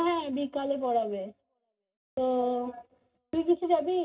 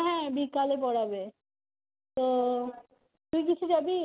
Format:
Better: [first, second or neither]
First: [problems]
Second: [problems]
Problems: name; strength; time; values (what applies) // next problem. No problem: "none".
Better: second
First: room echo; dies away in 0.4 s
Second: none